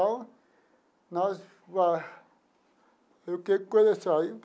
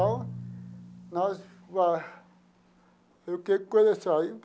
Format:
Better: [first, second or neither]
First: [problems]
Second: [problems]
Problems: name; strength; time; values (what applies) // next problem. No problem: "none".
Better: first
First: none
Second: background sound (Drum); 14 dB below the speech